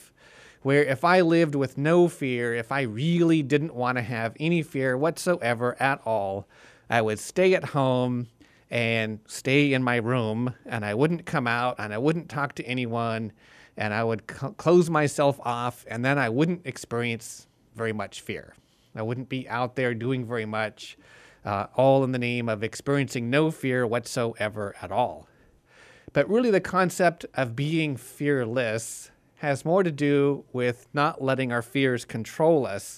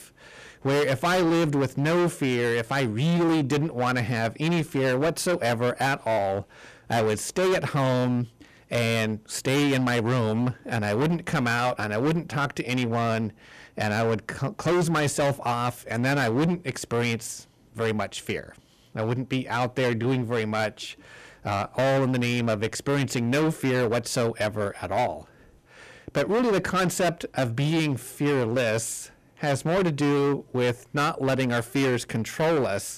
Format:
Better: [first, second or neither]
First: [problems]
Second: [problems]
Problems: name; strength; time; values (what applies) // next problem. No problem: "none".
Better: first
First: none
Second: distortion; heavy; 17% of the sound clipped